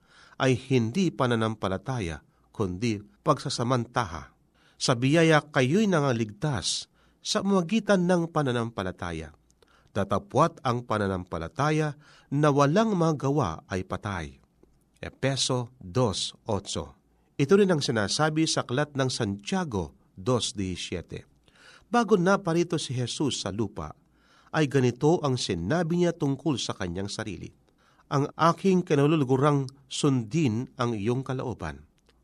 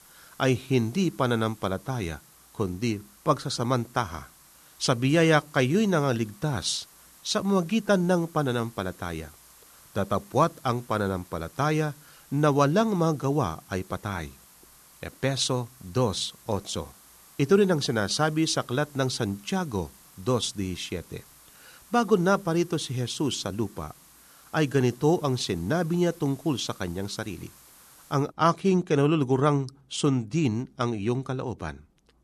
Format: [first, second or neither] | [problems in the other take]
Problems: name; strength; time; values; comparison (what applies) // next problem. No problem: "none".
first | hiss; faint; until 28 s; 25 dB below the speech